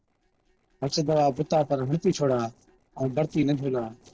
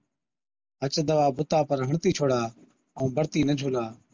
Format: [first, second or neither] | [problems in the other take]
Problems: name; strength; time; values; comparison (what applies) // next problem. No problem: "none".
second | noise reduction (neural separator model SepFormer DNS4)